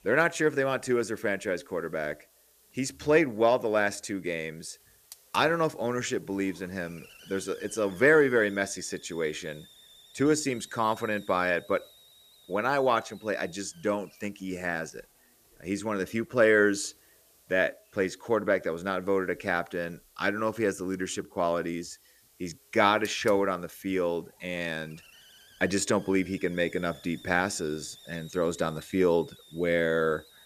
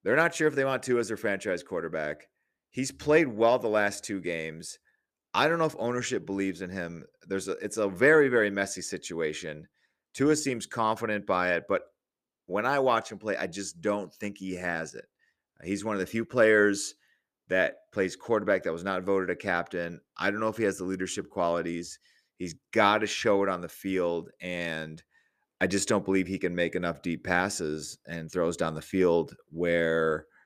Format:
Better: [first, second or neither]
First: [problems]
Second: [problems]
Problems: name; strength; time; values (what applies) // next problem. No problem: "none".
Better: second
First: hiss; faint; throughout; 25 dB below the speech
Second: none